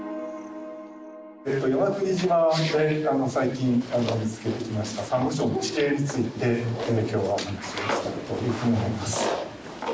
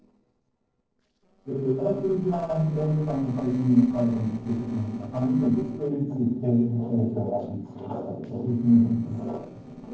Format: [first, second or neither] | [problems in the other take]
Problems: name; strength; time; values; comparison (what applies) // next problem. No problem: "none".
first | noise reduction (neural separator model SepFormer DNS4)